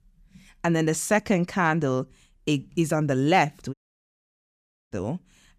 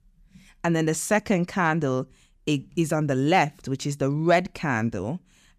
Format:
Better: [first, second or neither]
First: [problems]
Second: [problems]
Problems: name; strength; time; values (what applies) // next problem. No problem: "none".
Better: second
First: audio cutting out; at 3.5 s for 1 s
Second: none